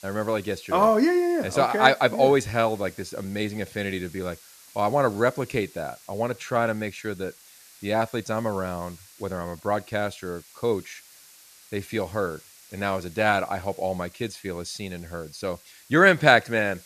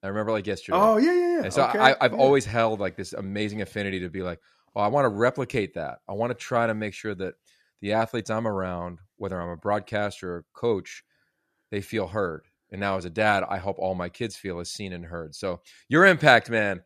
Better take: second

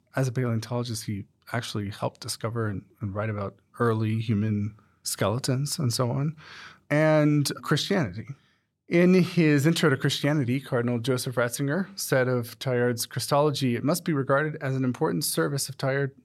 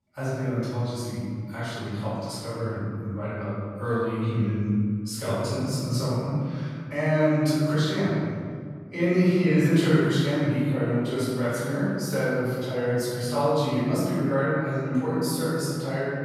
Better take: first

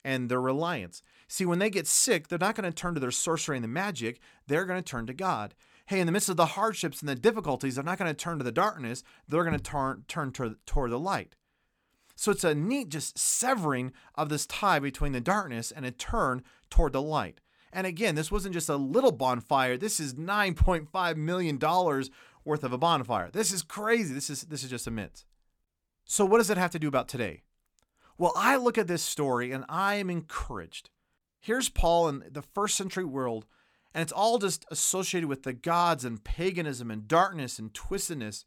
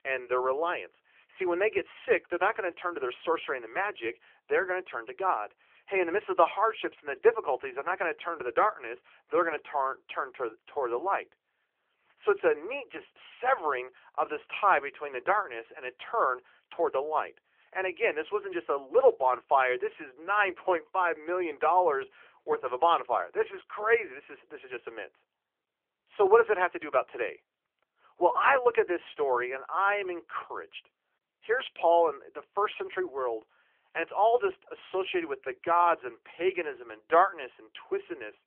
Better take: first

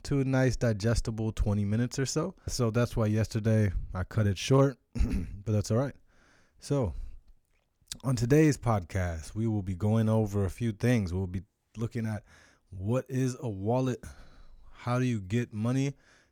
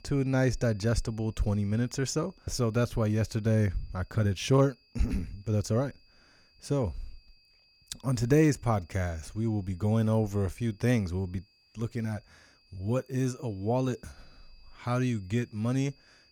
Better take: first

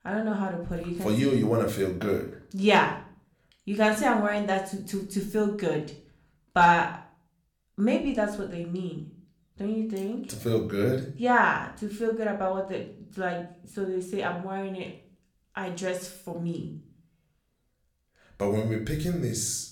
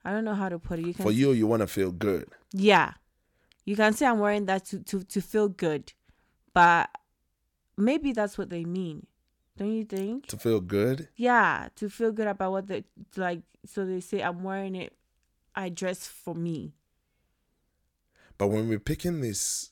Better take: second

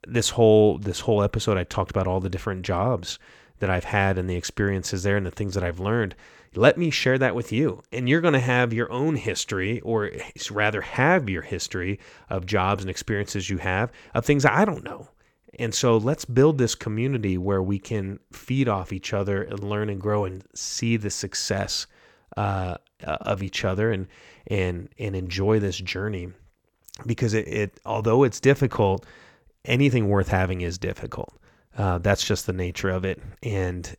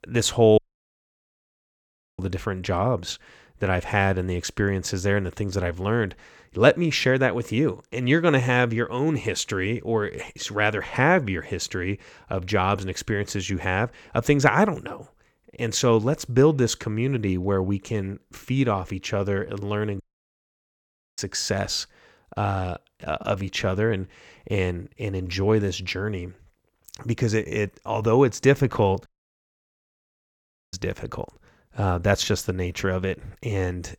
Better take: first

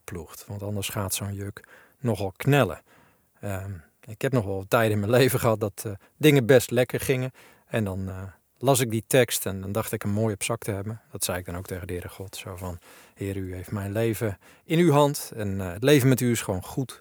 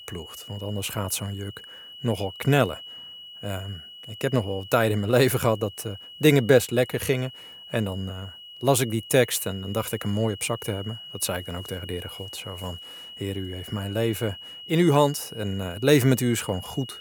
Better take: first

